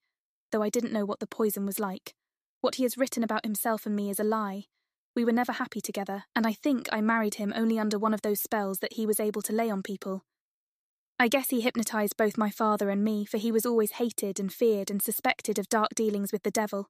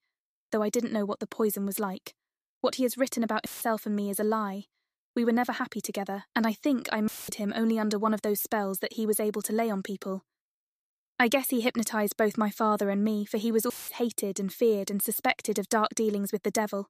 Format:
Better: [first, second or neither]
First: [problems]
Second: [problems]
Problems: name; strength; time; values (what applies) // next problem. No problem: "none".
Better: first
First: none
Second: audio cutting out; filled with static; at 3.5 s, at 7 s and at 14 s